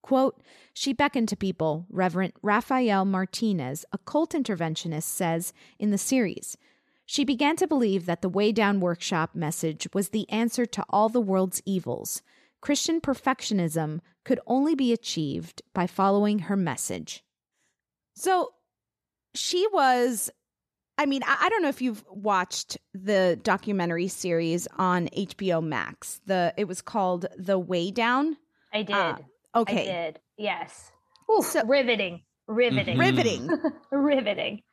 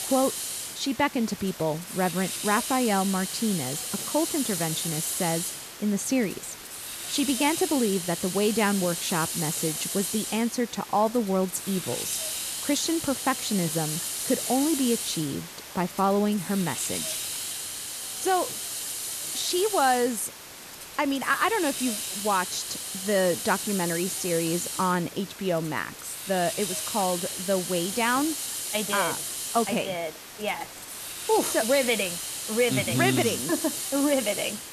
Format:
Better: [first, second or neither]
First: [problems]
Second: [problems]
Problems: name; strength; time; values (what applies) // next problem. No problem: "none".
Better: first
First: none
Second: hiss; loud; throughout; 4 dB below the speech